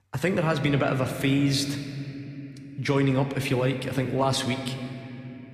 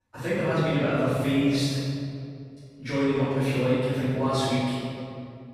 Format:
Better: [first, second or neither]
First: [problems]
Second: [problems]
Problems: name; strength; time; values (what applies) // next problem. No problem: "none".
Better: first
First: room echo; slight; dies away in 2.7 s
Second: room echo; strong; dies away in 2.3 s // off-mic speech; far